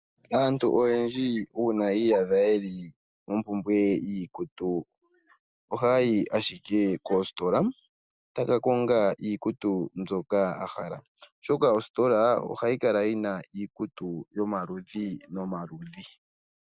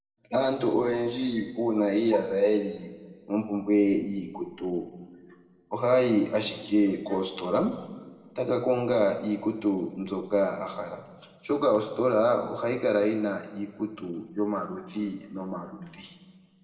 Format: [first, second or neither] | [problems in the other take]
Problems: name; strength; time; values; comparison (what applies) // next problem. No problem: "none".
first | room echo; dies away in 1.4 s